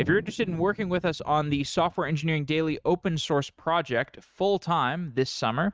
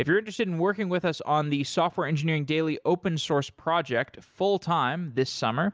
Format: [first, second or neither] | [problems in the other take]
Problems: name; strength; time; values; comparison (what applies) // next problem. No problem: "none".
second | noise reduction (neural mask model RNNoise)